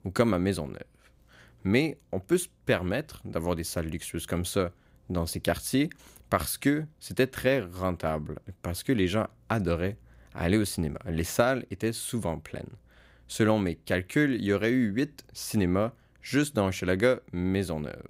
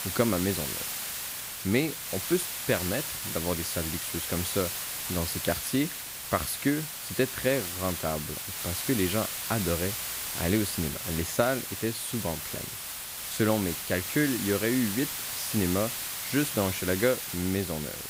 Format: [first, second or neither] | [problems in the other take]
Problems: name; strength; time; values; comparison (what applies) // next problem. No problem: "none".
first | hiss; loud; throughout; 2 dB below the speech